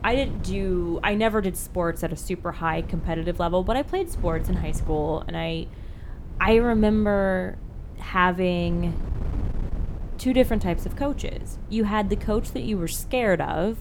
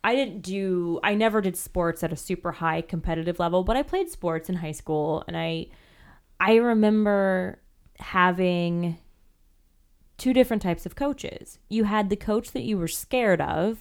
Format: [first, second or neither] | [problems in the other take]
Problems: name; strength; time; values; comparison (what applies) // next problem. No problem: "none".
second | wind noise on the microphone; occasional gusts; 20 dB below the speech